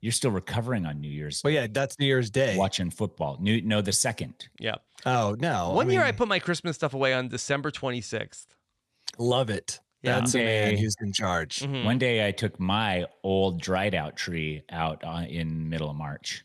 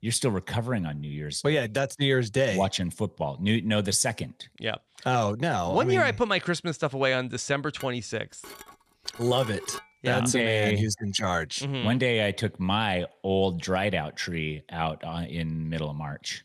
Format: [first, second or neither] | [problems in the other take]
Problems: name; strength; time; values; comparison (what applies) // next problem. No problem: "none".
first | clattering dishes; faint; from 8 to 10 s; peak 10 dB below the speech